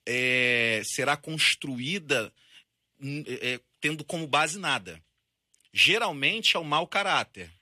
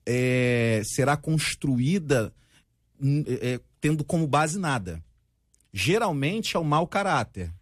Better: second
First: thin; somewhat; fading below 500 Hz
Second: none

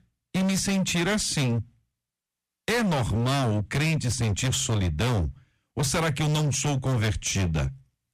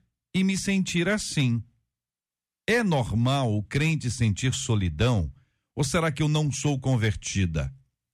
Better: second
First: distortion; heavy; 28% of the sound clipped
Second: none

